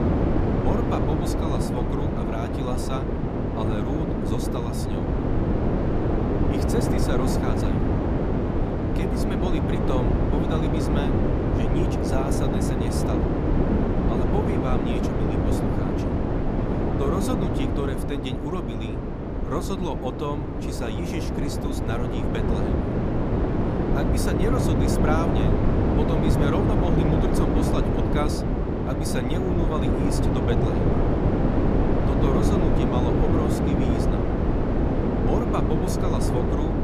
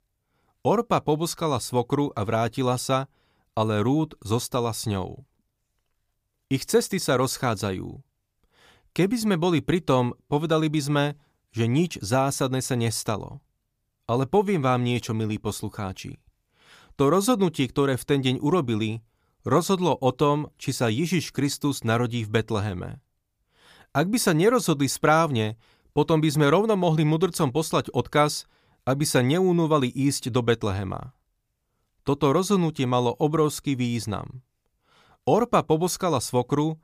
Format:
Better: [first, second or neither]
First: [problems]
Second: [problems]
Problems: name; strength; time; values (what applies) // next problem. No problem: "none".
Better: second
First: wind noise on the microphone; heavy; 4 dB above the speech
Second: none